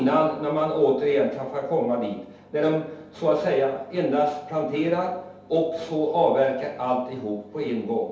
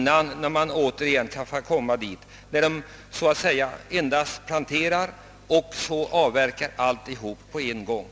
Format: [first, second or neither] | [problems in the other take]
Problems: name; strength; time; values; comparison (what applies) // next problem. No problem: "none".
second | room echo; dies away in 0.8 s